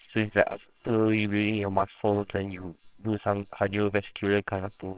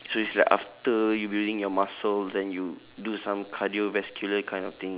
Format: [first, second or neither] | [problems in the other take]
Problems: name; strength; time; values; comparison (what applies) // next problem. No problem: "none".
second | noise reduction (neural separator model SepFormer WHAMR!)